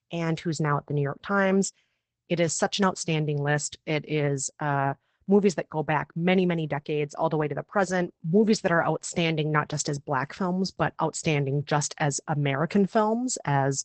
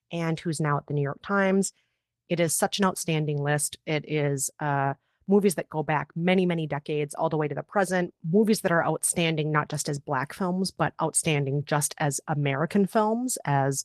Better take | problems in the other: second | garbled, watery; badly; nothing above 8 kHz; slightly in the second

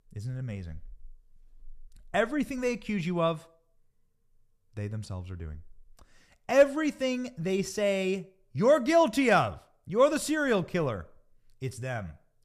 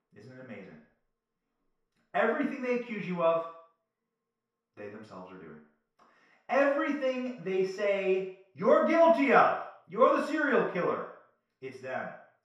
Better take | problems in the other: first | room echo; noticeable; dies away in 0.6 s // off-mic speech; far

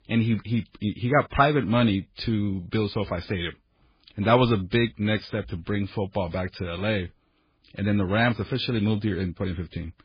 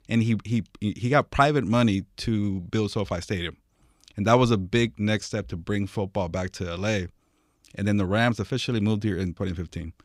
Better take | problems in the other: second | garbled, watery; badly; nothing above 5 kHz

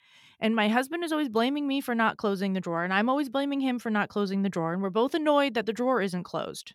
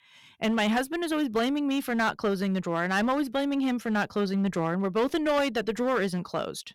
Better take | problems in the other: first | distortion; slight; 9% of the sound clipped

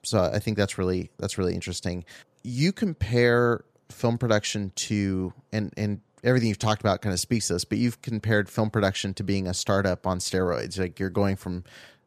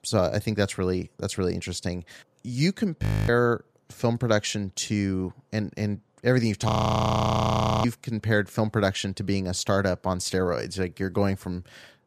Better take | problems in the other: first | audio freezing; at 3 s and at 6.5 s for 1 s

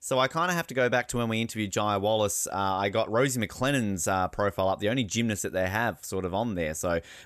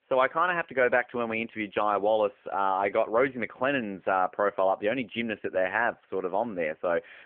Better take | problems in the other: first | phone-call audio

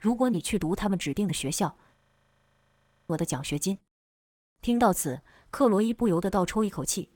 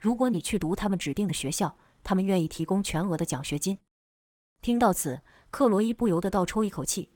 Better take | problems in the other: second | audio freezing; at 2 s for 1 s

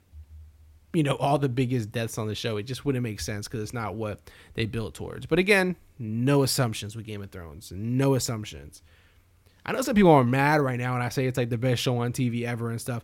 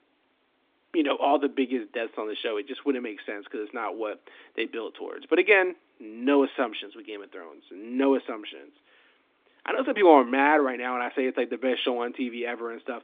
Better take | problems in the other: first | phone-call audio

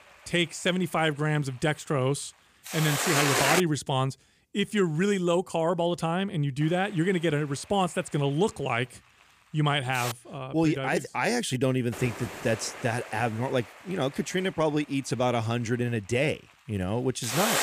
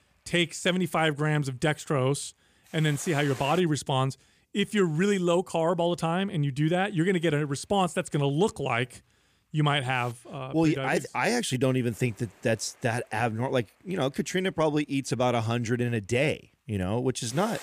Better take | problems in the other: second | hiss; loud; until 3.5 s, from 6.5 to 10 s and from 12 s on; 2 dB below the speech; faint in the second

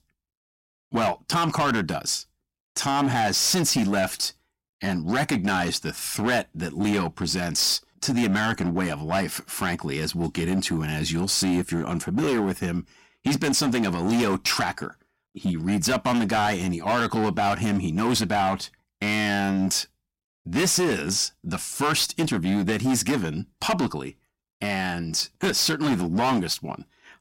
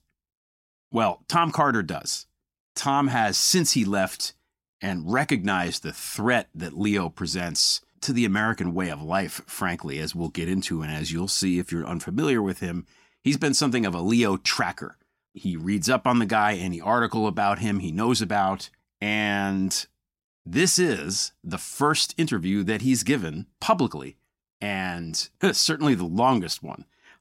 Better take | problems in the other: second | distortion; heavy; 14% of the sound clipped

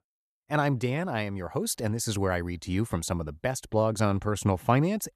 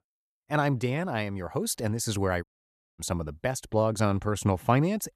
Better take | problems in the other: first | audio cutting out; at 2.5 s for 0.5 s

